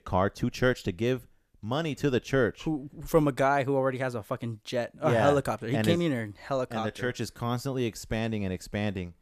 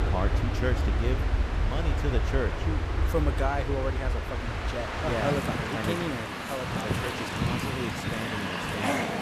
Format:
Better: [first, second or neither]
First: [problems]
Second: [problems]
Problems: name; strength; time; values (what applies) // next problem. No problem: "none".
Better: first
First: none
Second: train or aircraft noise; very loud; throughout; 4 dB above the speech